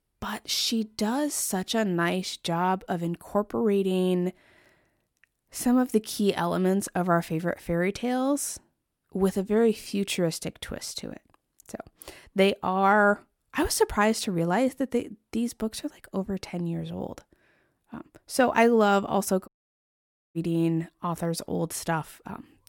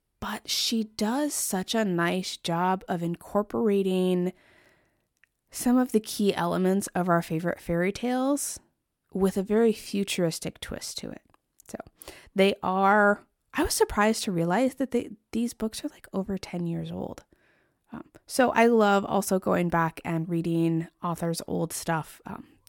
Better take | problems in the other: second | audio cutting out; at 19 s for 1 s

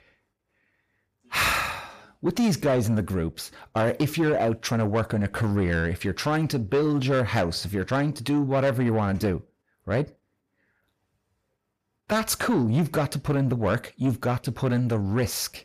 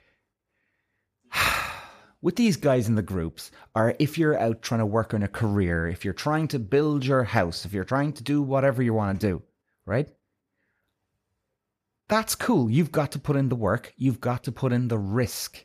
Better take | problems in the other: second | distortion; slight; 10 dB below the speech

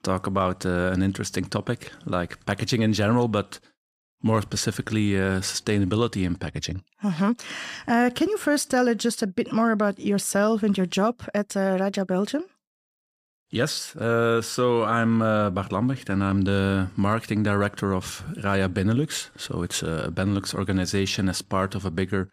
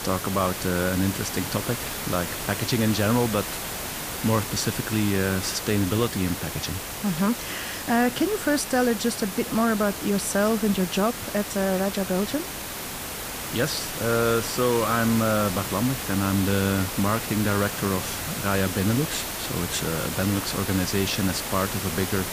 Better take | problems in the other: first | hiss; loud; throughout; 5 dB below the speech

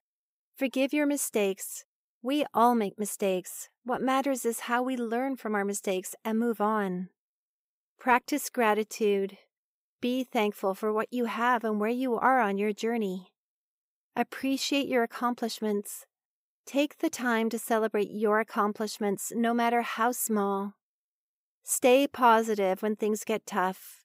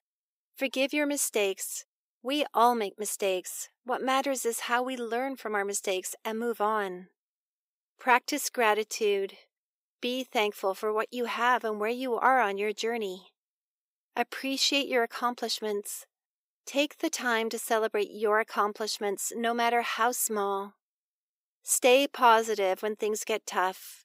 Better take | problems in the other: first | thin; very slightly; fading below 300 Hz

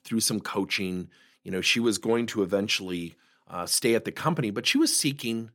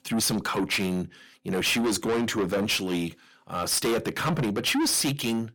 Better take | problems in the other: first | distortion; heavy; 6 dB below the speech

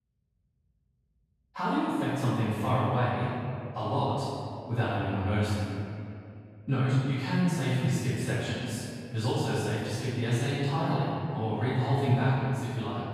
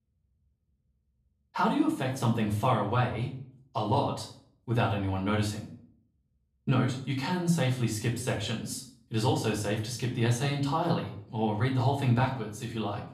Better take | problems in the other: second | room echo; strong; dies away in 2.4 s; slight in the second // off-mic speech; far; far in the second

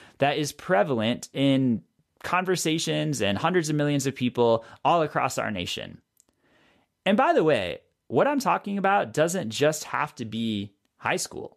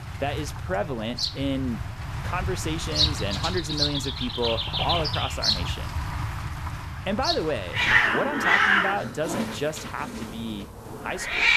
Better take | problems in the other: first | animal sounds; very loud; throughout; 5 dB above the speech

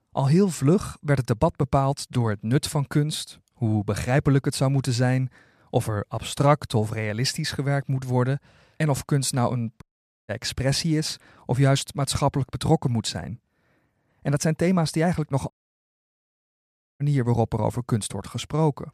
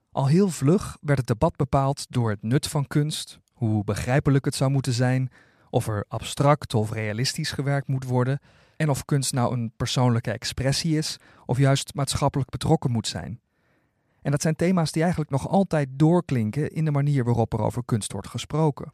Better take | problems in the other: second | audio cutting out; at 10 s and at 16 s for 1.5 s

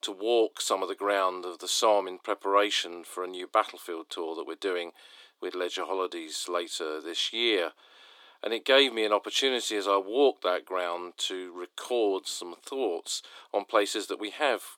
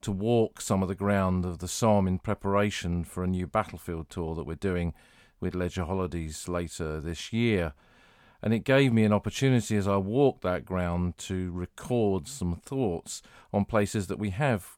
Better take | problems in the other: second | thin; very; fading below 300 Hz

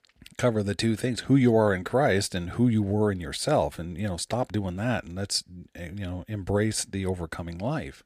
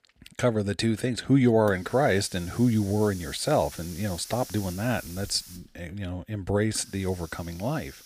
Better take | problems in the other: first | hiss; noticeable; from 1 s on; 15 dB below the speech

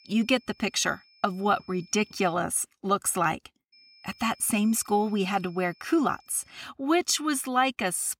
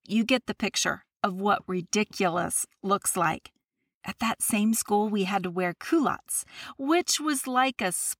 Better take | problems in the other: second | high-pitched whine; faint; until 2.5 s and from 3.5 to 6.5 s; 5 kHz, 30 dB below the speech

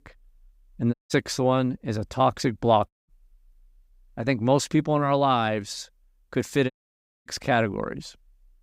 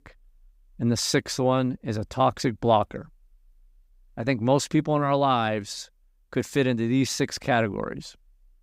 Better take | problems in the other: second | audio cutting out; at 1 s, at 3 s and at 6.5 s for 0.5 s

